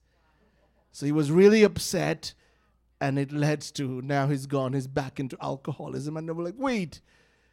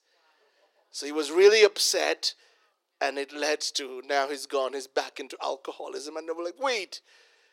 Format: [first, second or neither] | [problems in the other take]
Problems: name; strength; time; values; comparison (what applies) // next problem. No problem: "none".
first | thin; very; fading below 350 Hz